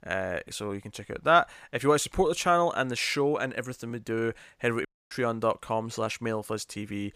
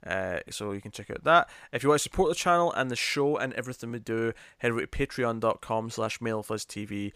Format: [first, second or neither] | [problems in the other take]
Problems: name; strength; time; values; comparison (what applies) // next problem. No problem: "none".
second | audio cutting out; at 5 s